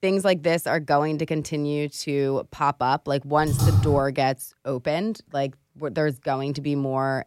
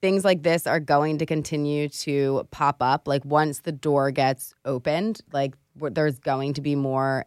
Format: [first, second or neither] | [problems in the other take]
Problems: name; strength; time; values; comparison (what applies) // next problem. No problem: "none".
second | keyboard typing; loud; at 3.5 s; peak 4 dB above the speech